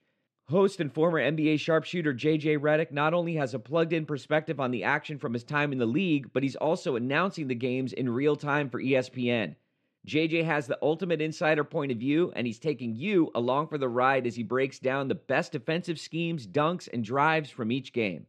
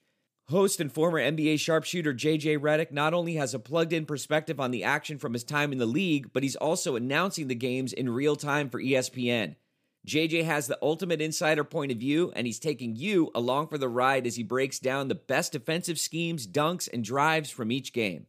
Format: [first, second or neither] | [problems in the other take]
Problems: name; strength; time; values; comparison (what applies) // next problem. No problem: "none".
second | muffled; slightly; fading above 3 kHz